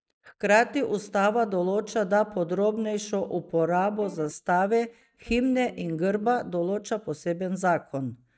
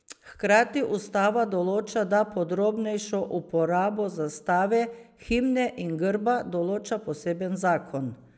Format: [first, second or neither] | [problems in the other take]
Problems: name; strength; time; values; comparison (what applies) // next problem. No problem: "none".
second | noise reduction (neural mask model DeepFilterNet 3)